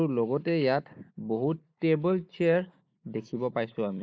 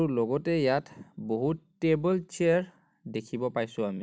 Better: second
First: noise reduction (neural mask model Resemble Enhance denoiser)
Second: none

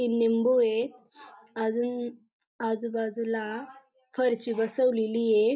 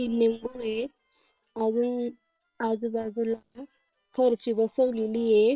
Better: first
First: none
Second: noise reduction (neural separator model SepFormer WHAM!)

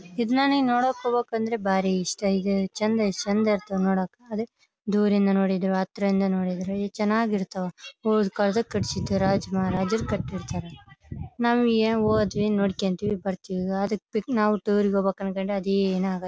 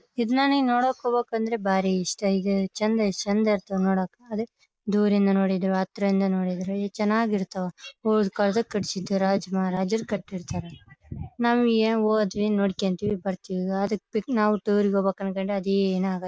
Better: first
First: none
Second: noise reduction (neural mask model Resemble Enhance denoiser)

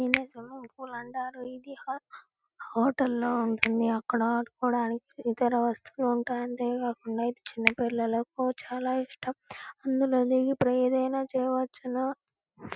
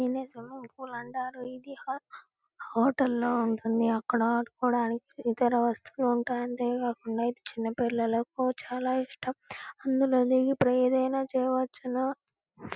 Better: second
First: noise reduction (neural mask model RNNoise)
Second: none

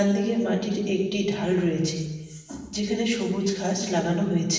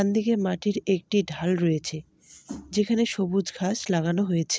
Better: second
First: room echo; dies away in 1.1 s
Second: none

